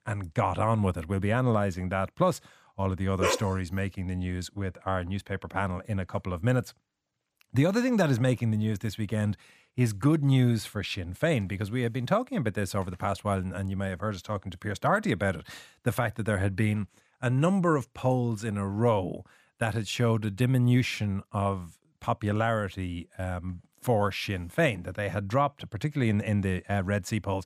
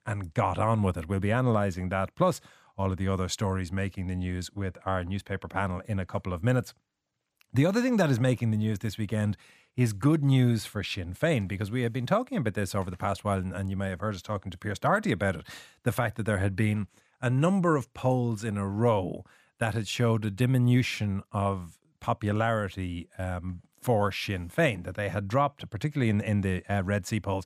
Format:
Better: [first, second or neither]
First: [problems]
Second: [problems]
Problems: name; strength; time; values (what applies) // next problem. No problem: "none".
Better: second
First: dog barking; noticeable; at 3 s; peak level with the speech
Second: none